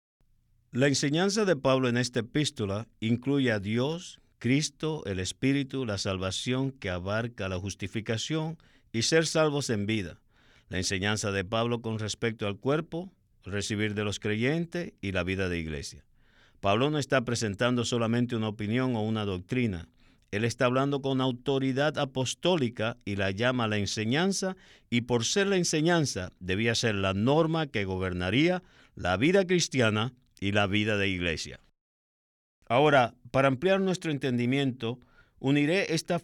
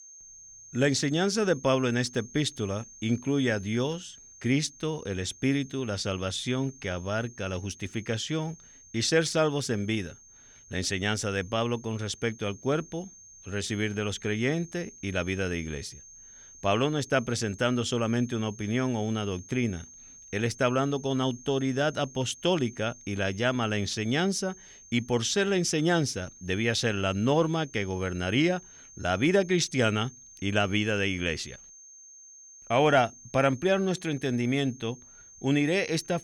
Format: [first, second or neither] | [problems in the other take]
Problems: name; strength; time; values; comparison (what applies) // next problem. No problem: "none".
first | high-pitched whine; noticeable; throughout; 6.5 kHz, 20 dB below the speech